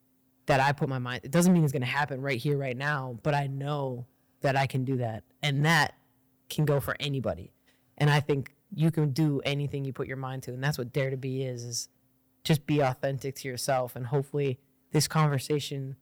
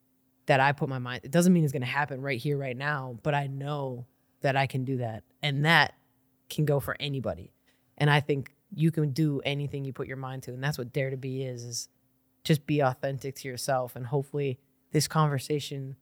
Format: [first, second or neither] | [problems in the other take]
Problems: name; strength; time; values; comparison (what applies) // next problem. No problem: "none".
second | distortion; slight; 3% of the sound clipped